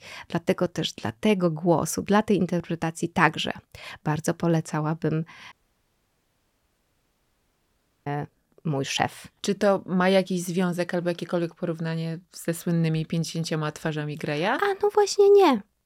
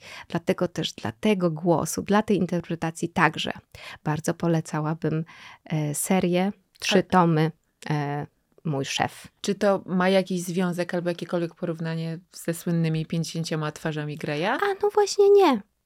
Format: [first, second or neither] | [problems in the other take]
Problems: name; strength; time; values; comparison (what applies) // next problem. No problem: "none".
second | audio cutting out; at 5.5 s for 2.5 s